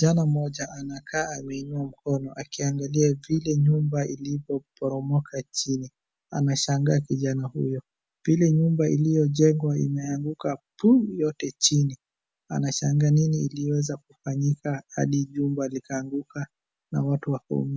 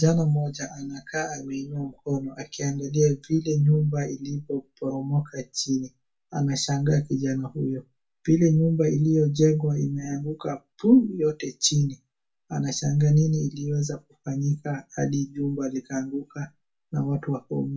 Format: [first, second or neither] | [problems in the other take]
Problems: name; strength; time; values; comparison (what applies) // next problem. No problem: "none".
first | room echo; dies away in 0.2 s